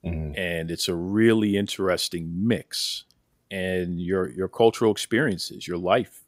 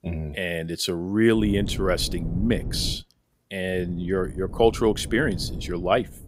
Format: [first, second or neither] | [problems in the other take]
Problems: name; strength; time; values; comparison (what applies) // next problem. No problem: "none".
first | wind noise on the microphone; occasional gusts; from 1.5 to 3 s and from 3.5 s on; 20 dB below the speech